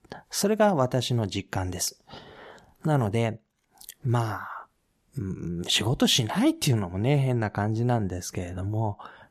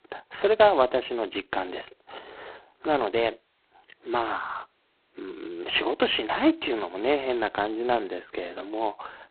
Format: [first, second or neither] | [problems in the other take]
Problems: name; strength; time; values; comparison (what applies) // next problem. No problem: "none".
first | phone-call audio; poor line